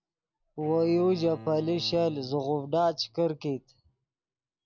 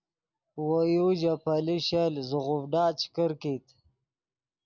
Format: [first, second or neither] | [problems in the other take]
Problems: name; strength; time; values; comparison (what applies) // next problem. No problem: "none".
second | background sound (Bowed string instrument); 18 dB below the speech